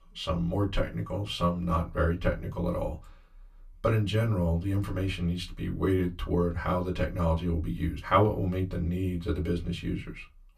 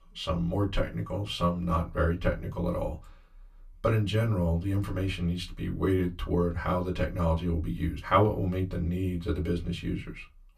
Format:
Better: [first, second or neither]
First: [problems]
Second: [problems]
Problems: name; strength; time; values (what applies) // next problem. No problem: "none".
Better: neither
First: off-mic speech; far // room echo; very slight; dies away in 0.2 s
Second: off-mic speech; far // room echo; very slight; dies away in 0.2 s